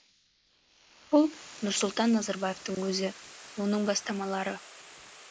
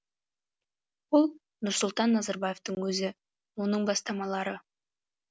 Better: second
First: noise reduction (neural mask model Resemble Enhance denoiser)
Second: none

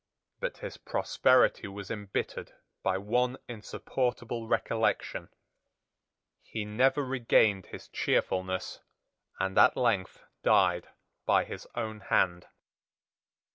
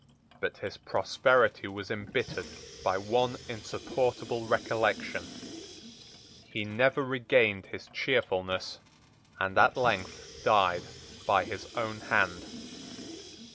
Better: first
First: none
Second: background sound (Sink (filling or washing) / Water tap, faucet); 16 dB below the speech

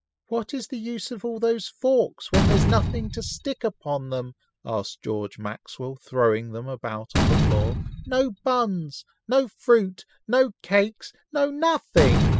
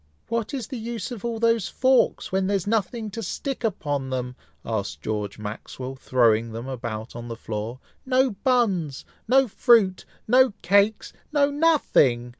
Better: second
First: noise reduction (classical method spectral subtraction)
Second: none

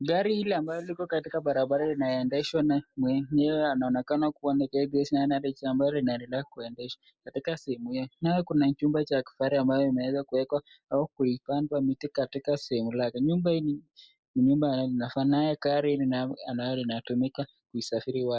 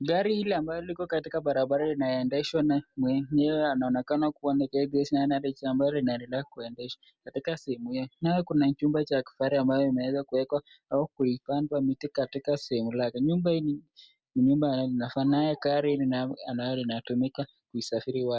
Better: second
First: noise reduction (neural mask model Resemble Enhance denoiser)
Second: none

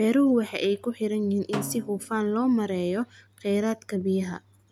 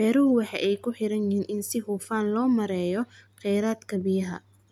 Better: second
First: background sound (Snare drum); 15 dB below the speech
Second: none

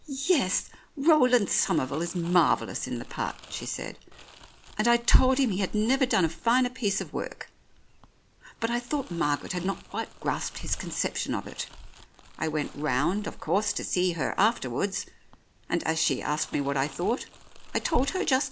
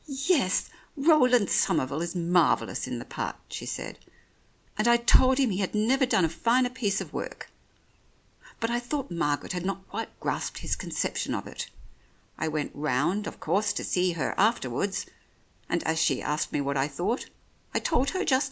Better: second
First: background sound (Crumpling, crinkling); 19 dB below the speech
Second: none

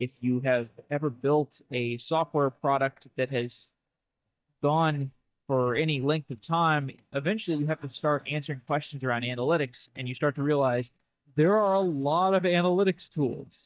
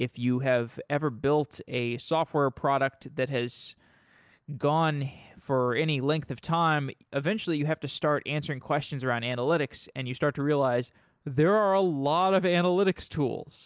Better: second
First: noise reduction (neural mask model DeepFilterNet 3)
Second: none

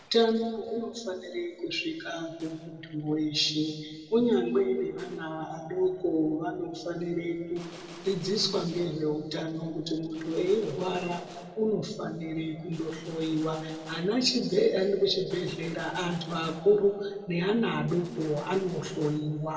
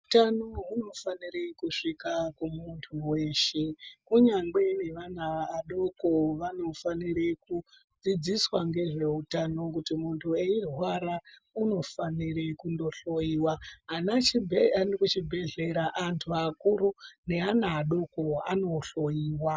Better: second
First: noise reduction (neural separator model SepFormer DNS4)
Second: none

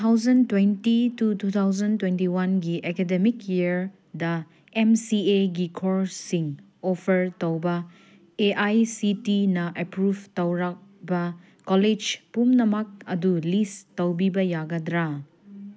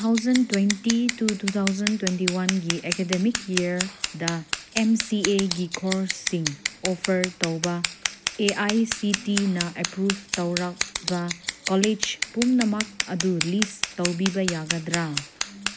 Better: first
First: none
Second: background sound (Scissors); 5 dB below the speech

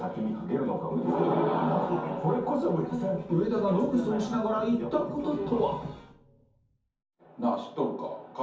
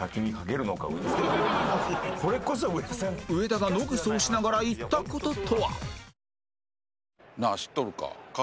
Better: second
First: room echo; dies away in 0.6 s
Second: none

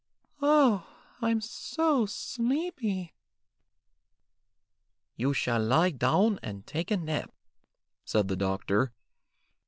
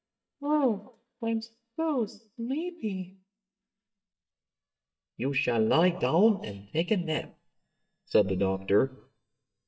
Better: first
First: none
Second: noise reduction (neural mask model DeepFilterNet 3)

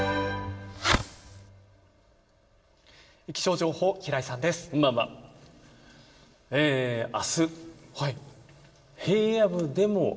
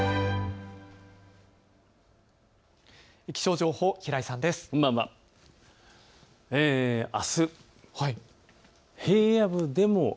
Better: second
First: background sound (Fireworks); 1 dB below the speech // room echo; dies away in 2.9 s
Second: none

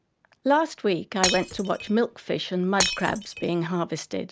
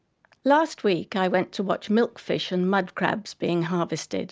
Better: second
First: background sound (Shatter); 4 dB below the speech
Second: none

